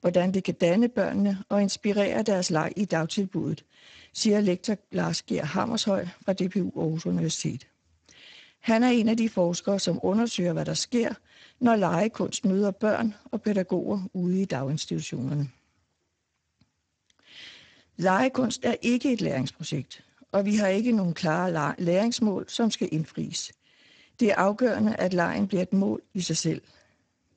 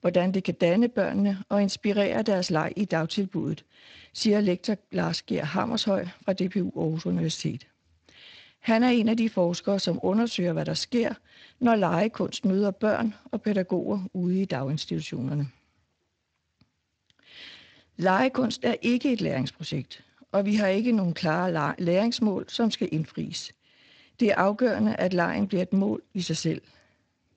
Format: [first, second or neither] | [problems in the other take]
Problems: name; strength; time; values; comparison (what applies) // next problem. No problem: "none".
second | garbled, watery; badly; nothing above 8 kHz; slightly in the second